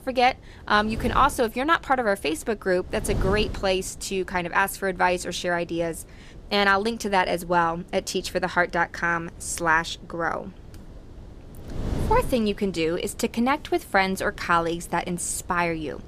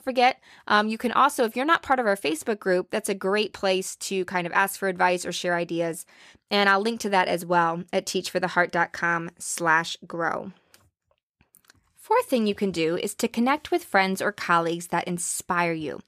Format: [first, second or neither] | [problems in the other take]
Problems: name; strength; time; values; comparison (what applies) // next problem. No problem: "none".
second | wind noise on the microphone; occasional gusts; 20 dB below the speech